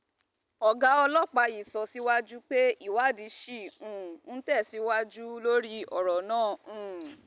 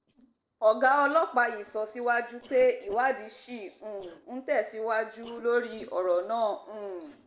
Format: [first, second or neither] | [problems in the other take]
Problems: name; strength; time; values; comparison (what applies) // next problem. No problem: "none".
first | noise reduction (neural separator model SepFormer DNS4)